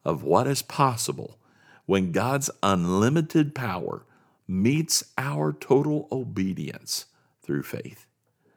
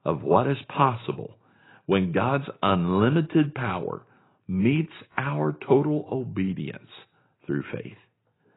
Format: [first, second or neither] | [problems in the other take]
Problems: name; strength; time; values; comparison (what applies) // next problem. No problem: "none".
first | garbled, watery; badly; nothing above 4 kHz